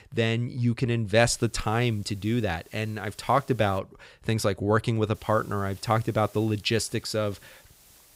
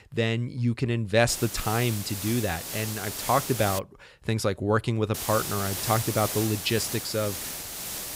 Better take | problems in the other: first | hiss; loud; from 1.5 to 4 s and from 5 s on; 5 dB below the speech; faint in the first

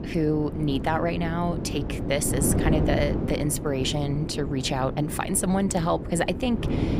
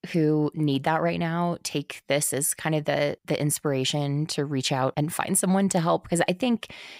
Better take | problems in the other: second | wind noise on the microphone; heavy; 7 dB below the speech

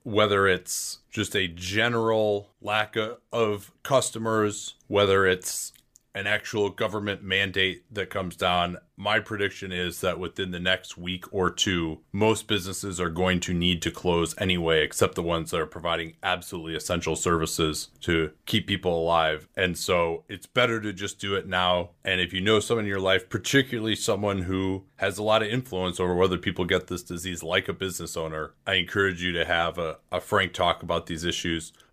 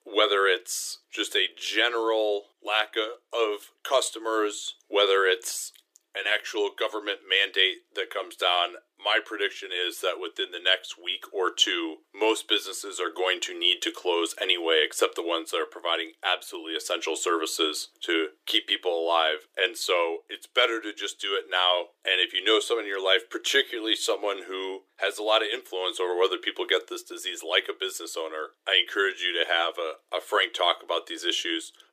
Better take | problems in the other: first | thin; very; fading below 300 Hz

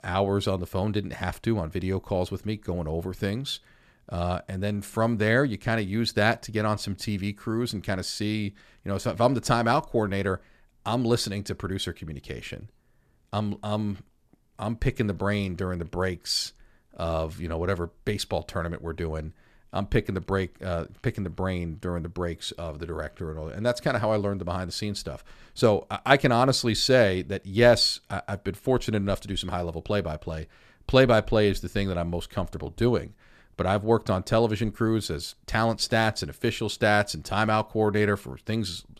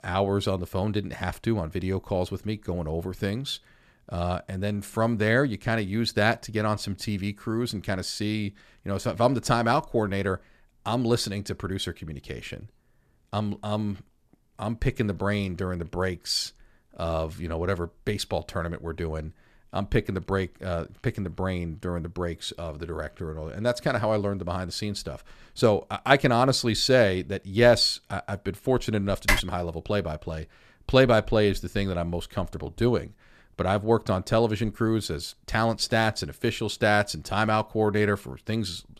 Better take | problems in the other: first | keyboard typing; loud; at 29 s; peak 2 dB above the speech

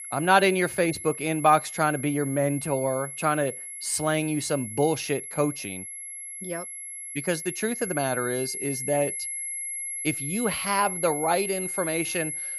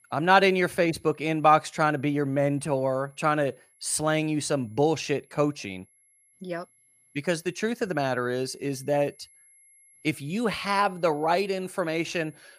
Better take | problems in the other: second | high-pitched whine; loud; throughout; 11 kHz, 6 dB below the speech; faint in the second

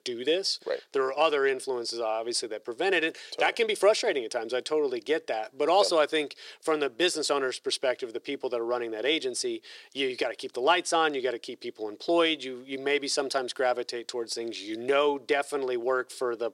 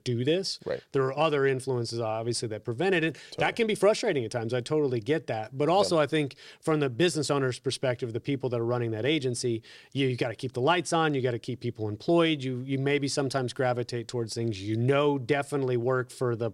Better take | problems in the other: second | thin; somewhat; fading below 400 Hz

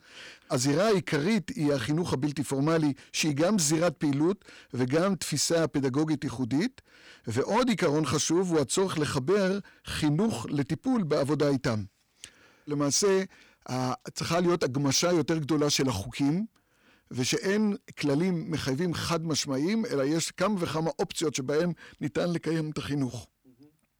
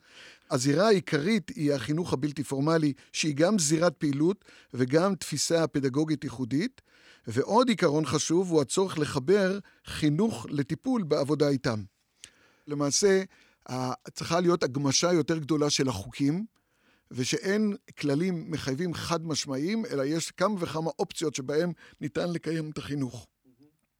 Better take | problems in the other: second | distortion; slight; 10 dB below the speech

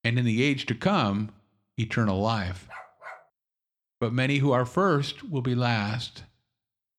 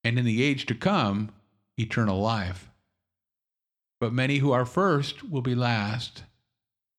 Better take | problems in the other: second | dog barking; faint; at 2.5 s; peak 15 dB below the speech

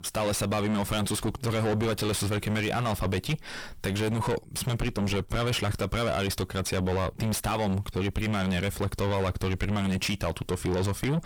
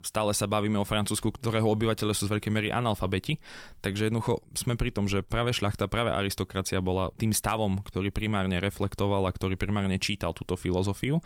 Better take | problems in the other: second | distortion; heavy; 5 dB below the speech

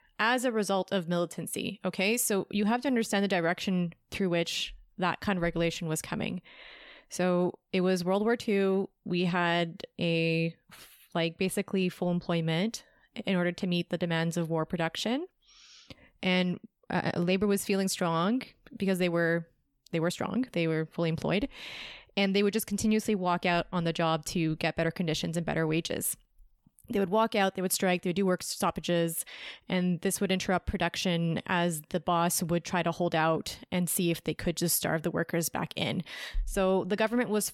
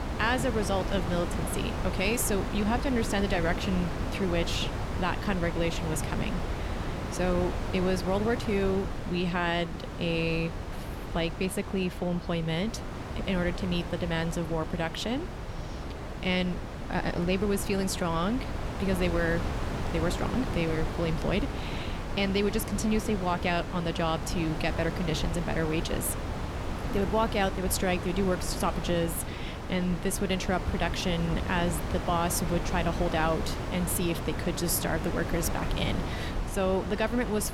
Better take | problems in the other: first | wind noise on the microphone; heavy; 6 dB below the speech

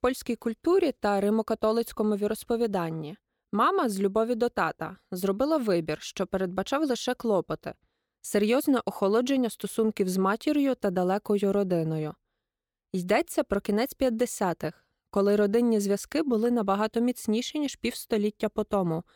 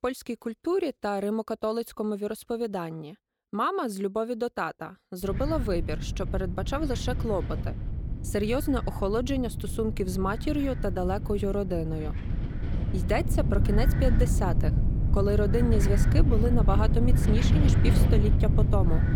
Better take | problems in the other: first | wind noise on the microphone; heavy; from 5.5 s on; 8 dB below the speech

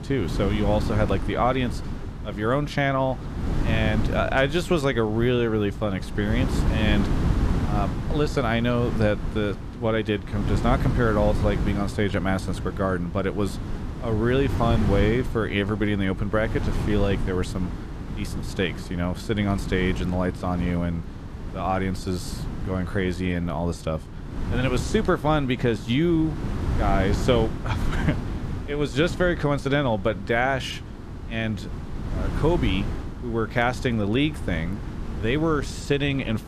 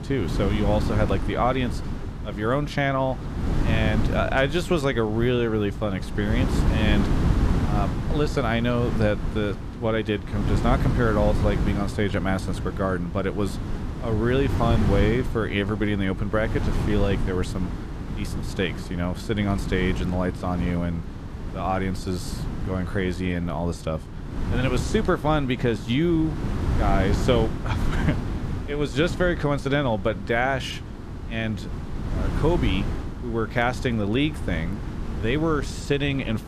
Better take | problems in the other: first | wind noise on the microphone; heavy; 9 dB below the speech; occasional gusts in the first

